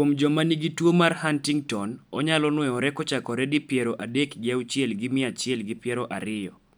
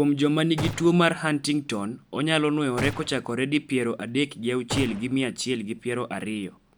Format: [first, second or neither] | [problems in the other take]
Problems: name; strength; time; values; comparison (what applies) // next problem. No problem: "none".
first | background sound (Gunshot, gunfire); 12 dB below the speech